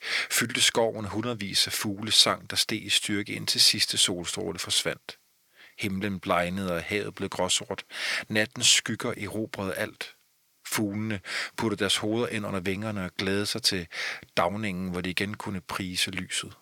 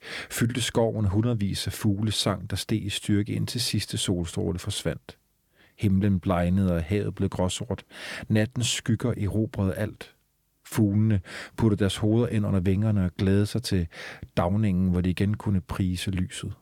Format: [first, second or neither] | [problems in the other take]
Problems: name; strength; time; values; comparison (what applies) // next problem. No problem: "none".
second | thin; somewhat; fading below 800 Hz